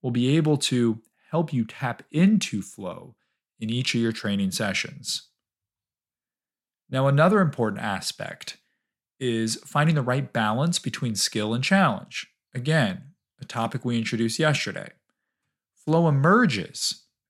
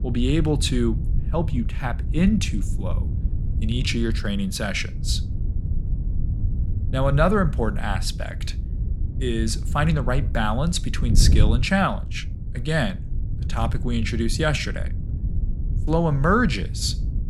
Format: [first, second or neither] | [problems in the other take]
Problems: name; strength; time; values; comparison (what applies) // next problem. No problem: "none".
first | wind noise on the microphone; occasional gusts; 15 dB below the speech